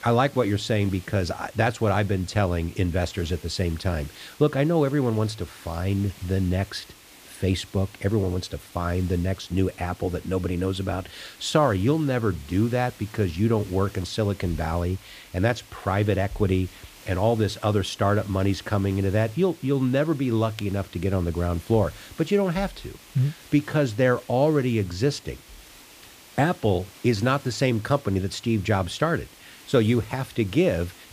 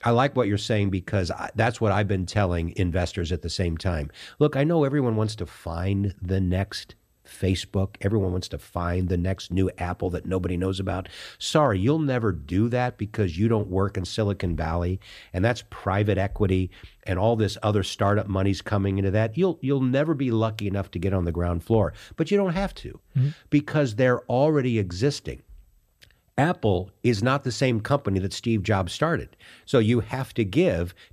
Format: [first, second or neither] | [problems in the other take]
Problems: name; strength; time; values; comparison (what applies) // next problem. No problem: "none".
second | hiss; faint; throughout; 20 dB below the speech